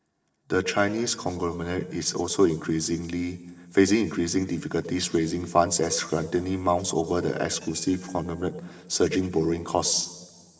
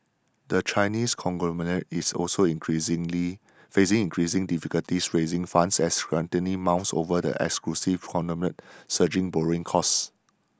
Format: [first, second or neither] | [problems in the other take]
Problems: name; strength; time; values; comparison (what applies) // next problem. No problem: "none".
second | noise reduction (neural separator model SepFormer DNS4)